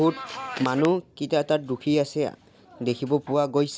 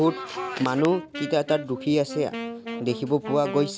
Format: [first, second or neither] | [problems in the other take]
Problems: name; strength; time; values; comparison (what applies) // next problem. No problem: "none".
first | background sound (Wind instrument, woodwind instrument); 11 dB below the speech